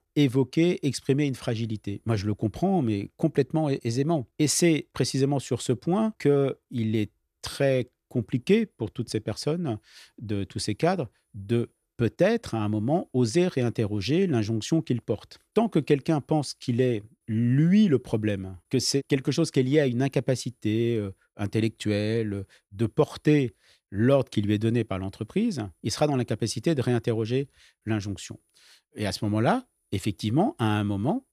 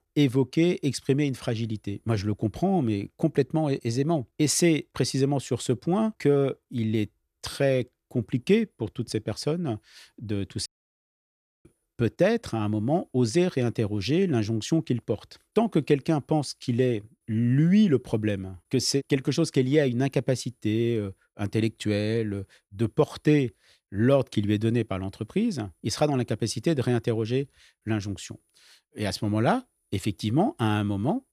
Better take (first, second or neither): first